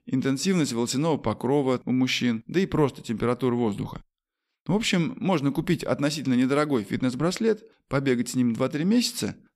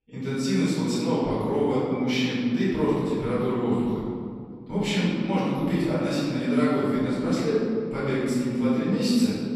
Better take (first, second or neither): first